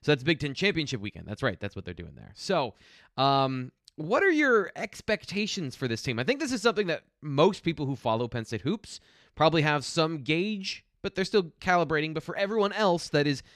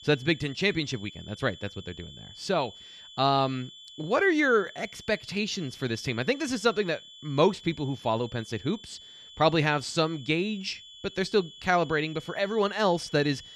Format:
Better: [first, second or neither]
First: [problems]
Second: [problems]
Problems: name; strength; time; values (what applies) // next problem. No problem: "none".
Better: first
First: none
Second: high-pitched whine; noticeable; throughout; 3.5 kHz, 20 dB below the speech